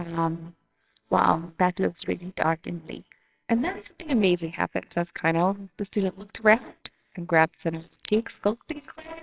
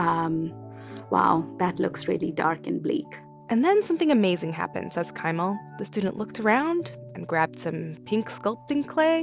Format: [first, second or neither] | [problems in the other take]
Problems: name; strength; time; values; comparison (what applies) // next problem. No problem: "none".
second | noise reduction (neural separator model SepFormer WHAMR!)